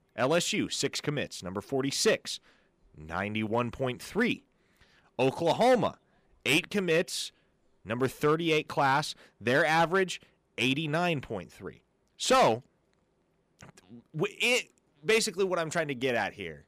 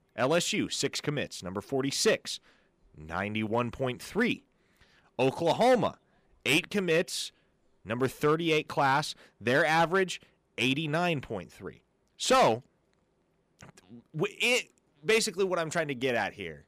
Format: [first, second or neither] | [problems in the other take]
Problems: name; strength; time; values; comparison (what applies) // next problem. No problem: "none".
neither | distortion; slight; 2% of the sound clipped; the same in both